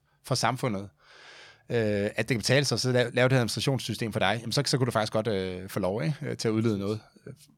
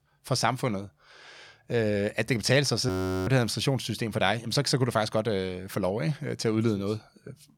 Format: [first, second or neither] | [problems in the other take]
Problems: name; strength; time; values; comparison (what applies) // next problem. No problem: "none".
first | audio freezing; at 3 s